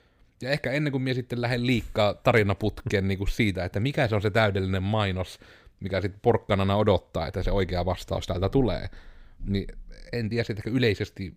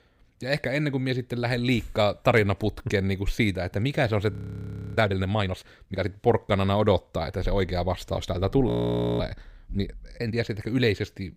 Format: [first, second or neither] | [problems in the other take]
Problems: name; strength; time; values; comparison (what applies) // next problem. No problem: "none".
first | audio freezing; at 4.5 s for 0.5 s and at 8.5 s for 0.5 s